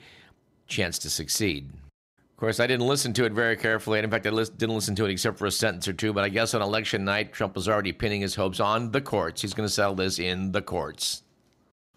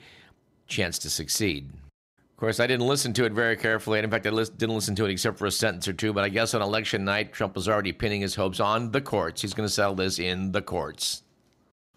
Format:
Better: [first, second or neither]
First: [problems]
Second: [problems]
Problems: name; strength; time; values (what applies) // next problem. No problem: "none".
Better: neither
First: none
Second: none